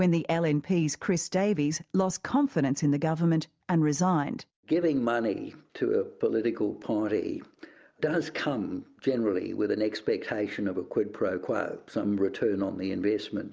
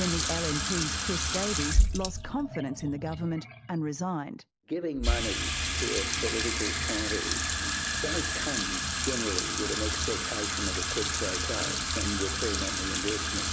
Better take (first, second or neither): first